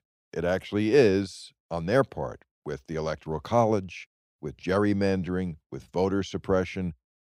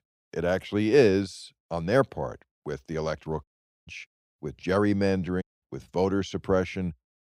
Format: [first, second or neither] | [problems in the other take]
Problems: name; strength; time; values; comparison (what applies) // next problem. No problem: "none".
first | audio cutting out; at 3.5 s and at 5.5 s